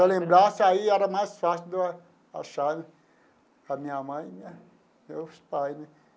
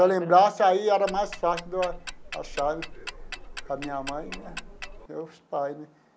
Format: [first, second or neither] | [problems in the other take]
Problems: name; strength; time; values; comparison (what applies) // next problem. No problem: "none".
first | background sound (Tick-tock); 12 dB below the speech